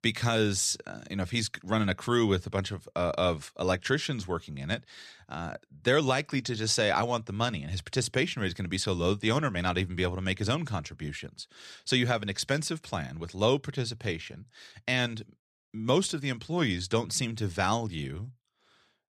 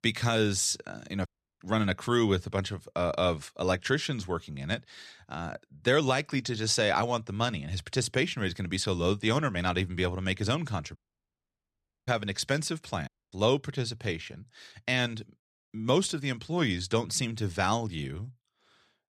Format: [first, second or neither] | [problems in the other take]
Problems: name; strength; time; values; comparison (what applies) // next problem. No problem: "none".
first | audio cutting out; at 1.5 s, at 11 s for 1 s and at 13 s